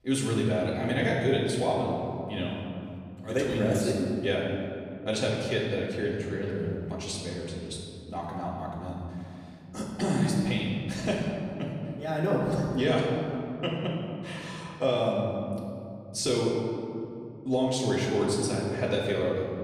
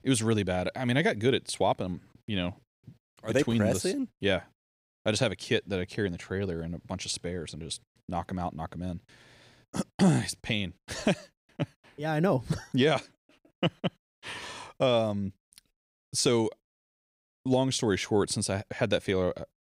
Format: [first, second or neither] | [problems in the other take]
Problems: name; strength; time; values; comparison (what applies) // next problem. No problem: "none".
second | room echo; noticeable; dies away in 2.4 s // off-mic speech; far